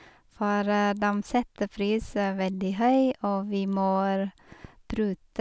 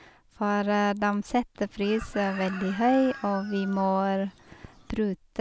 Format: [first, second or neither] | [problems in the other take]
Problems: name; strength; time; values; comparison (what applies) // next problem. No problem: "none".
first | background sound (Chicken, rooster); 16 dB below the speech